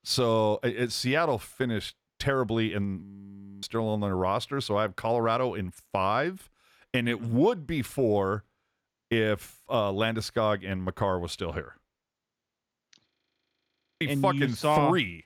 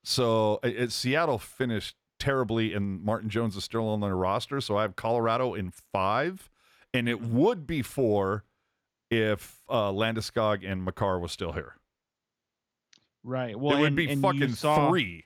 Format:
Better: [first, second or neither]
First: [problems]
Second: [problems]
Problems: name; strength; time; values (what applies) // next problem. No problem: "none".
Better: second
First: audio freezing; at 3 s for 0.5 s and at 13 s for 1 s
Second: none